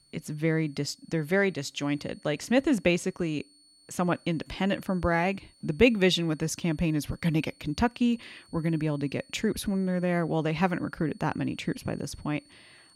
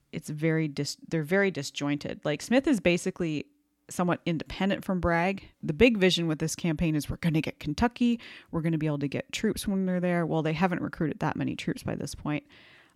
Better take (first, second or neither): second